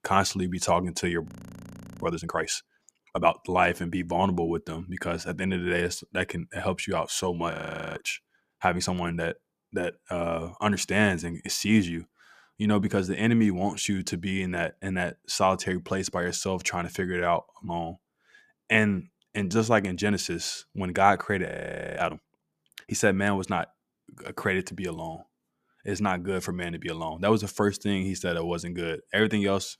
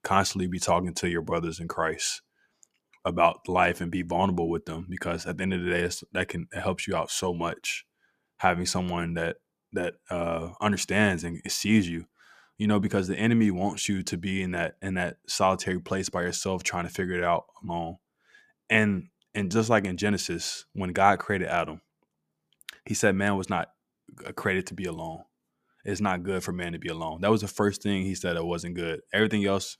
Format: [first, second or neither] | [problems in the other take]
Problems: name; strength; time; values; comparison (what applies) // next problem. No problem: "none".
second | audio freezing; at 1.5 s for 0.5 s, at 7.5 s and at 21 s for 0.5 s